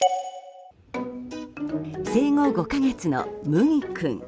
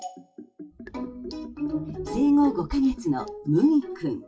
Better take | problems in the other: first | noise reduction (classical method WPE with log-MMSE)

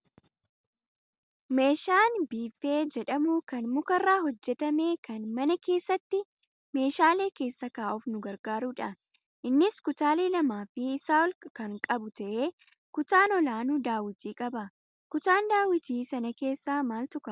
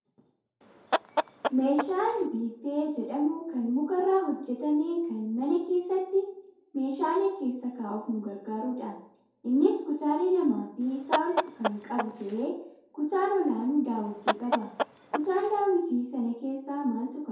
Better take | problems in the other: first | background sound (Chicken, rooster); 4 dB below the speech // room echo; dies away in 2.3 s

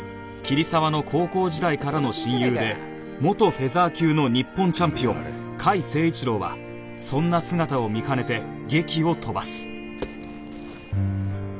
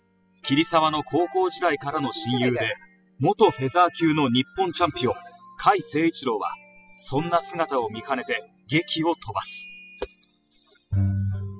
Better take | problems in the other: first | noise reduction (classical method spectral subtraction)

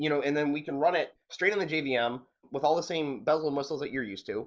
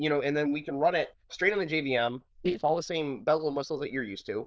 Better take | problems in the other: first | noise reduction (neural diffusion model UNIVERSE++)

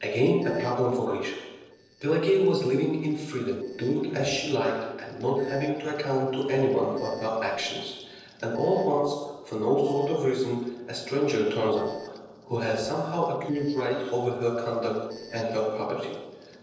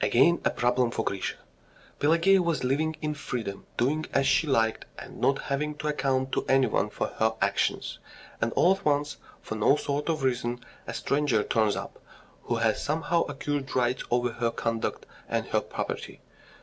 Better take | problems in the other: second | noise reduction (neural separator model SepFormer DNS4)

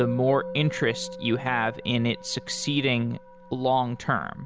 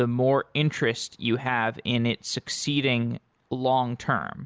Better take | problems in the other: second | background sound (Musical instrument); 14 dB below the speech

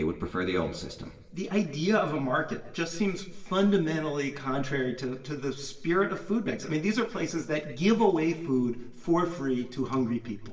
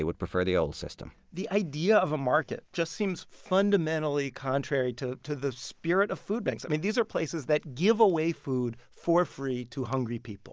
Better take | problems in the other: second | room echo; dies away in 0.9 s

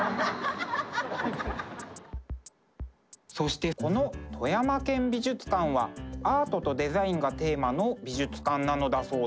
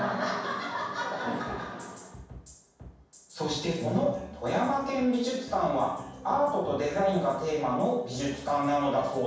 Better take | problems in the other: first | room echo; dies away in 0.7 s

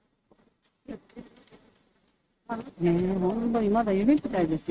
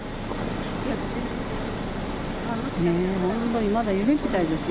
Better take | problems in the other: second | noise reduction (neural mask model RNNoise)

